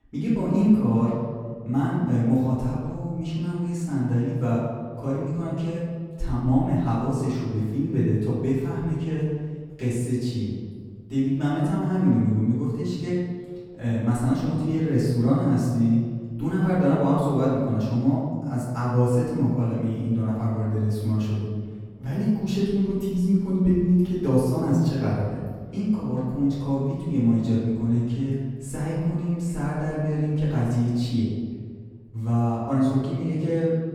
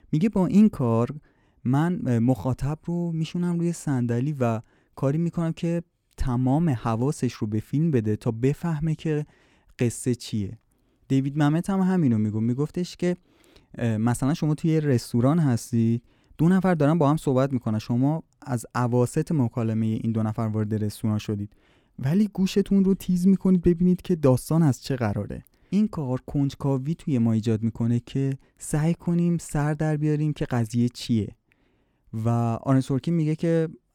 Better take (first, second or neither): second